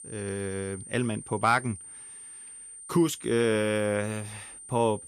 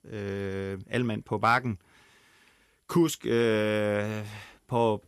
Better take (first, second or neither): second